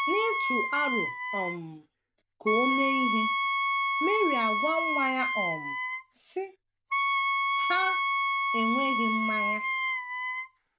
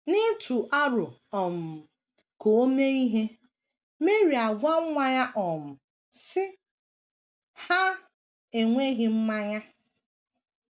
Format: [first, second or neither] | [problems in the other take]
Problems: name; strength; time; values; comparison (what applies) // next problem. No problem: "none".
second | background sound (Wind instrument, woodwind instrument); 4 dB above the speech